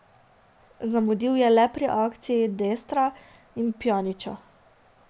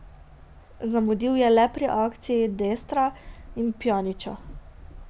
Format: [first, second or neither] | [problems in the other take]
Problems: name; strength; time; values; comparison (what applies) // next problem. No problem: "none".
first | background sound (Train); 19 dB below the speech